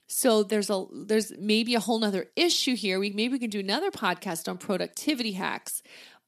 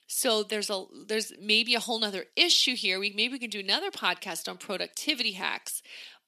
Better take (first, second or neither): first